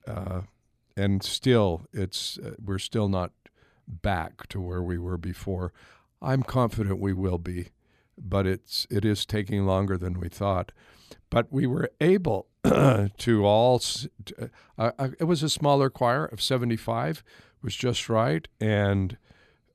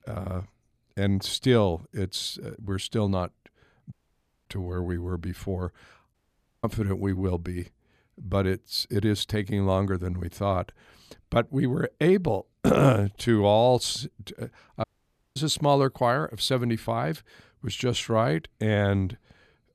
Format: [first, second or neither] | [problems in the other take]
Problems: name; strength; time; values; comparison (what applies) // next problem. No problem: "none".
first | audio cutting out; at 4 s for 0.5 s, at 6 s and at 15 s for 0.5 s